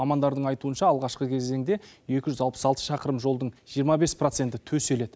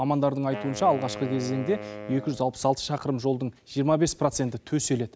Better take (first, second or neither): first